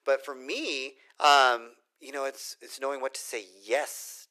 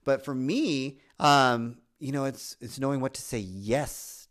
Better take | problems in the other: second | thin; very; fading below 400 Hz

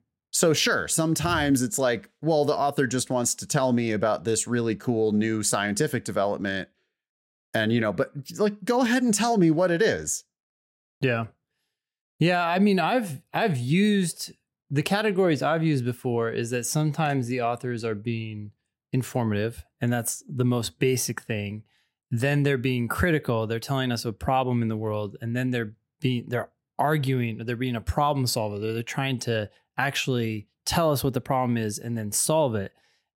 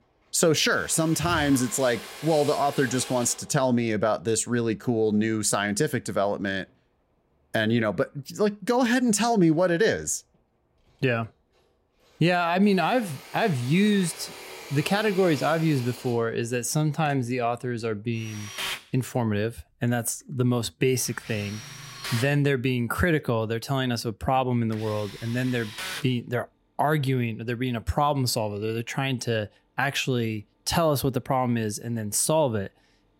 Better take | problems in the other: first | machinery noise; noticeable; throughout; 15 dB below the speech

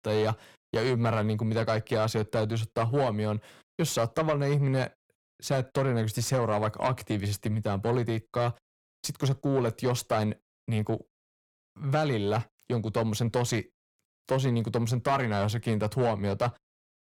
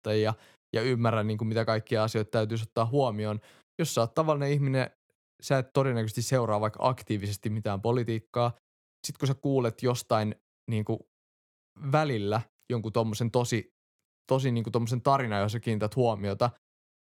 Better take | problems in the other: second | distortion; slight; 9 dB below the speech

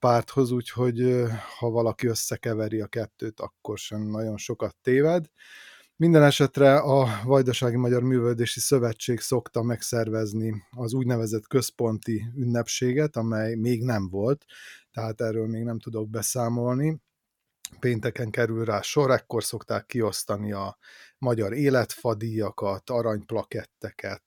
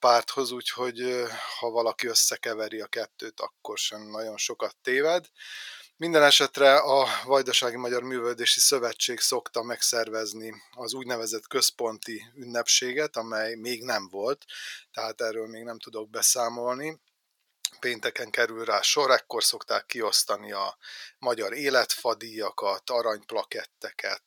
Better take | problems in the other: first | thin; very; fading below 650 Hz

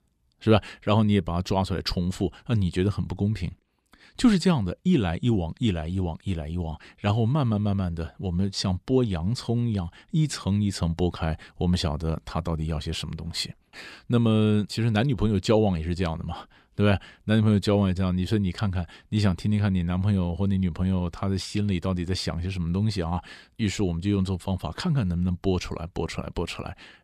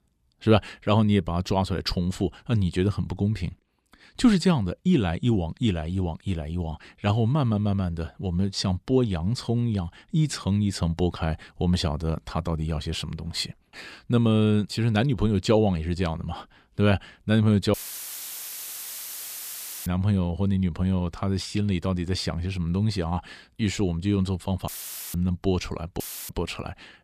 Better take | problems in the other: first | audio cutting out; filled with static; at 18 s for 2 s, at 25 s and at 26 s

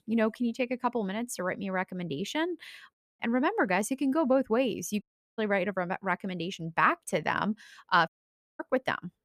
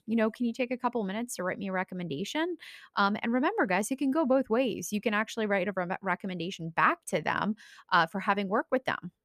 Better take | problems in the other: second | audio cutting out; at 3 s, at 5 s and at 8 s for 0.5 s

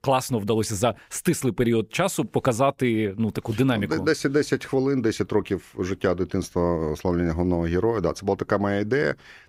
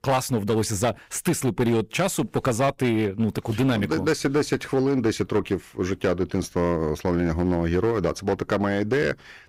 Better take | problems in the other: first | distortion; slight; 9% of the sound clipped

